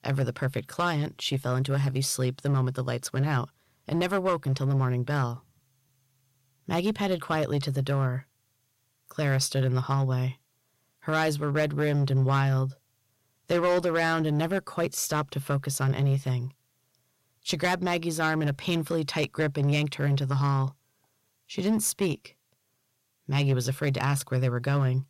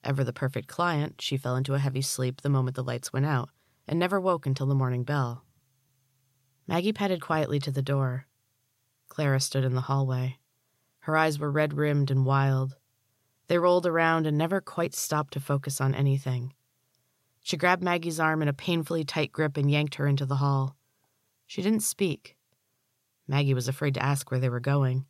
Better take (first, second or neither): second